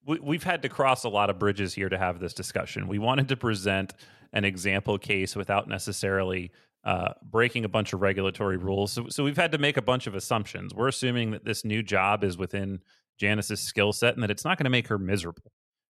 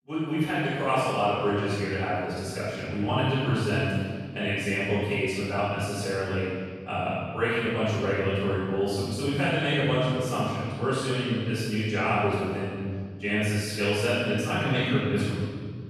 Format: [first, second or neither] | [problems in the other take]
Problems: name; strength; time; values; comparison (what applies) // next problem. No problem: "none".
first | off-mic speech; far // room echo; strong; dies away in 2 s